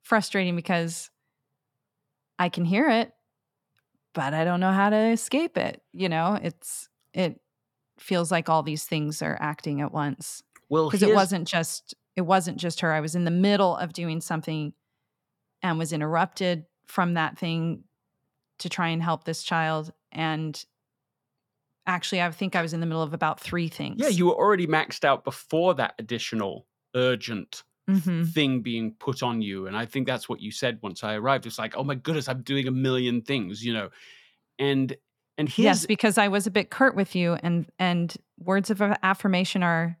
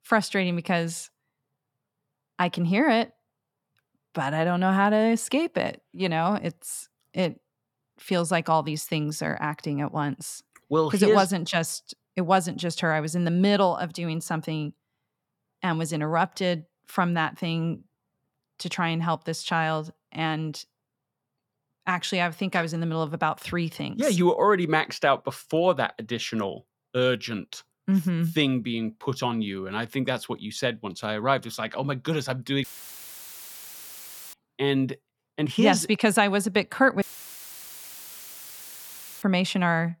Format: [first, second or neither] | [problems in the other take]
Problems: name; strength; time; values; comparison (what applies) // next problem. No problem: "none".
first | audio cutting out; filled with static; at 33 s for 1.5 s and at 37 s for 2 s